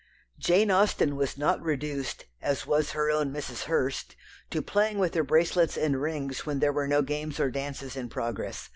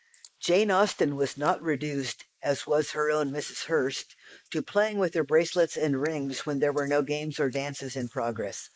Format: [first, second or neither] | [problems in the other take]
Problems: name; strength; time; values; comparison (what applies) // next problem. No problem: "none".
first | noise reduction (neural mask model Resemble Enhance denoiser)